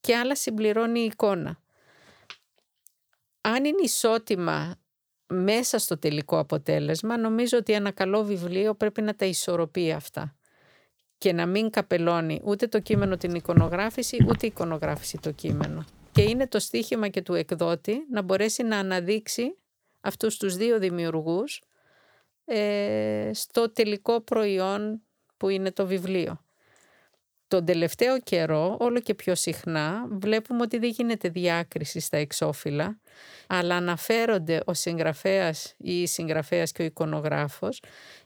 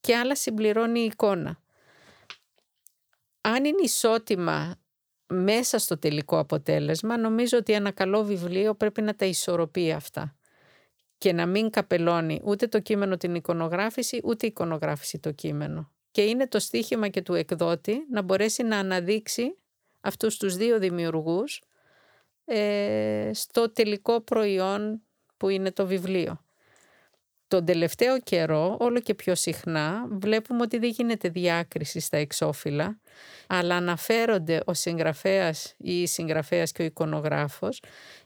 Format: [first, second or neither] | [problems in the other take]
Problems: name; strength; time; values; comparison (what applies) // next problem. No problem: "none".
second | footsteps; loud; from 13 to 16 s; peak 3 dB above the speech